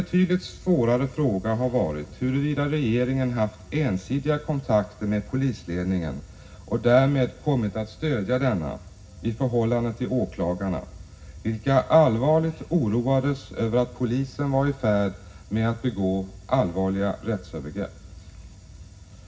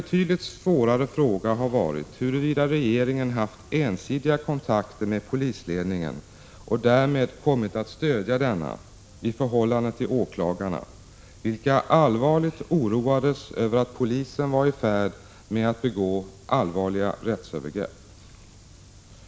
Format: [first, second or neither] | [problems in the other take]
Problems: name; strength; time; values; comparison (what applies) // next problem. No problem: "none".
second | room echo; dies away in 0.4 s